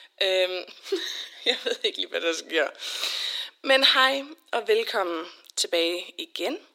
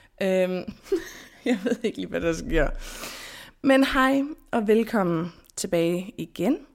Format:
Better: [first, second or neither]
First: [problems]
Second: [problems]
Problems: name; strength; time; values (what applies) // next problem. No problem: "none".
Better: second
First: thin; very; fading below 350 Hz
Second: none